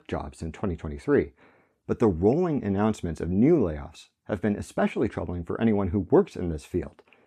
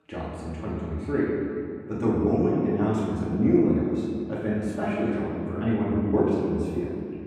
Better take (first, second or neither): first